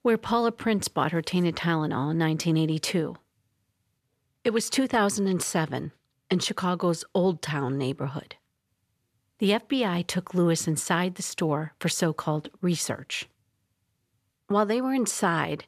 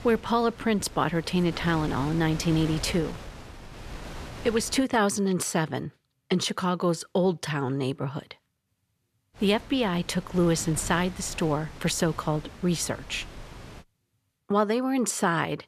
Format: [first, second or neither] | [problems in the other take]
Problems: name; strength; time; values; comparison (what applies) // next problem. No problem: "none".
first | wind noise on the microphone; occasional gusts; until 5 s and from 9.5 to 14 s; 15 dB below the speech